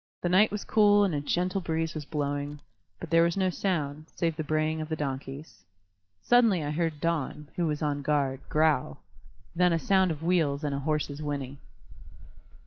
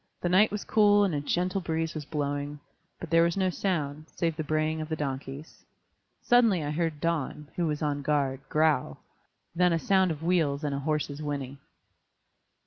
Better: second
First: noise reduction (neural mask model DeepFilterNet 3)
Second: none

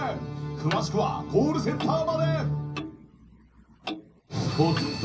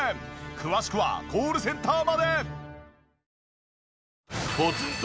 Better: second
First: background sound (Clock); 14 dB below the speech // room echo; dies away in 0.5 s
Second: none

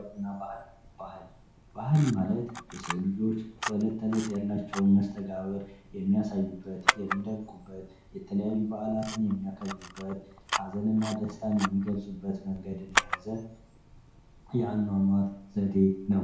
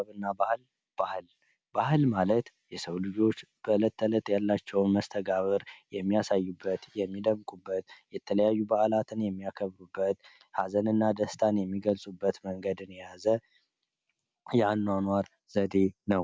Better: second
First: background sound (Camera); 8 dB below the speech // room echo; dies away in 0.6 s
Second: none

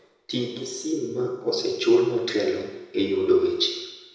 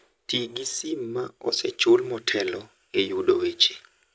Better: second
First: room echo; dies away in 1 s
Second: none

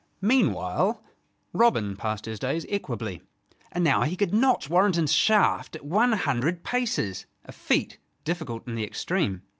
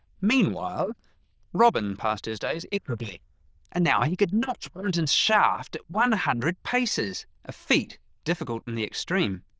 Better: first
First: none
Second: noise reduction (neural diffusion model UNIVERSE++)

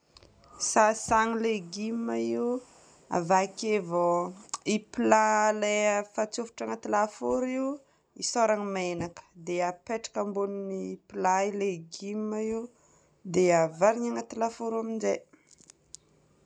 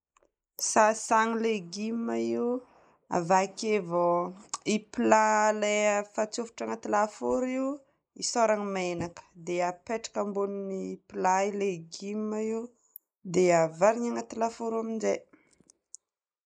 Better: first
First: none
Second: noise reduction (neural mask model Resemble Enhance denoiser)

